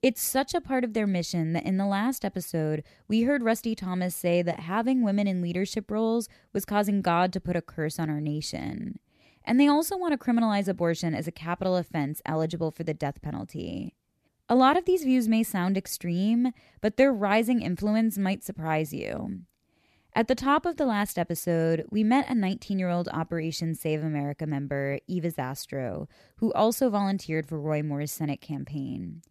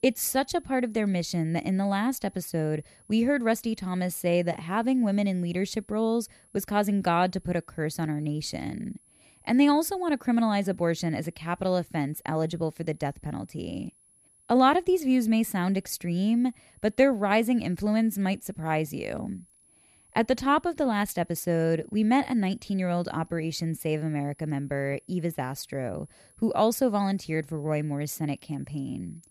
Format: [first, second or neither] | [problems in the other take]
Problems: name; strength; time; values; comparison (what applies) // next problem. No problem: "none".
first | high-pitched whine; faint; throughout; 10.5 kHz, 30 dB below the speech